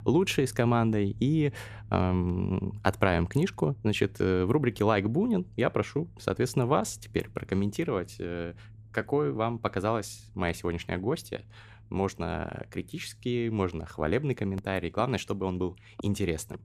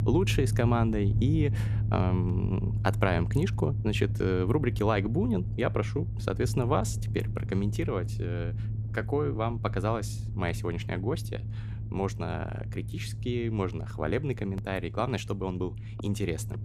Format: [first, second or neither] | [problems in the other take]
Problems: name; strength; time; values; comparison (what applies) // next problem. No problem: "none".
first | machinery noise; loud; throughout; 2 dB below the speech; faint in the first